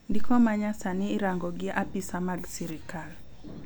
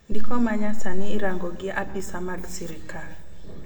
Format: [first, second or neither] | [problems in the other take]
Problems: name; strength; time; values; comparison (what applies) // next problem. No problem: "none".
first | room echo; dies away in 1 s